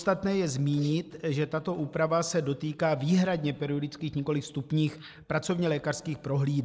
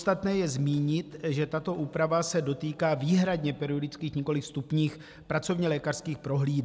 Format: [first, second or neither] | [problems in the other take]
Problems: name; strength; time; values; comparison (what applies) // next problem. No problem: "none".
second | noise reduction (neural mask model Resemble Enhance denoiser)